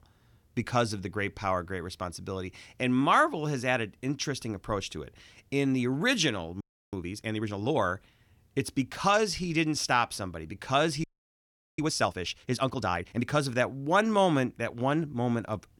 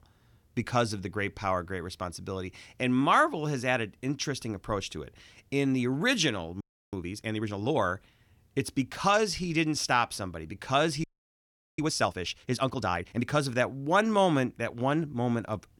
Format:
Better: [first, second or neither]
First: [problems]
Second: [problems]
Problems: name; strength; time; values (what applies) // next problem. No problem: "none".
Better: neither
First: audio freezing; at 6.5 s and at 11 s for 0.5 s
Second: audio freezing; at 6.5 s and at 11 s for 0.5 s